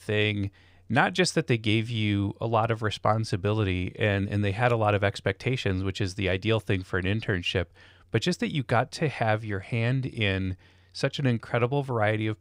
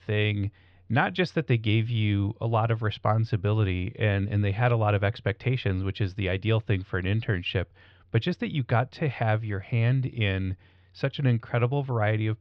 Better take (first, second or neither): first